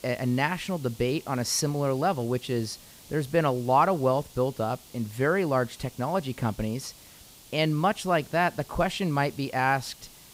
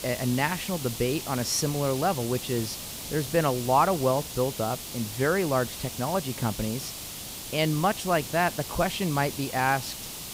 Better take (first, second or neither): first